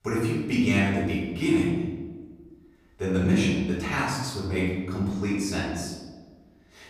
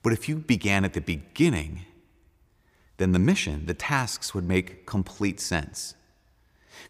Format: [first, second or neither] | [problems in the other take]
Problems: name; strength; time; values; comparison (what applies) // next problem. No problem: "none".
second | off-mic speech; far // room echo; noticeable; dies away in 1.2 s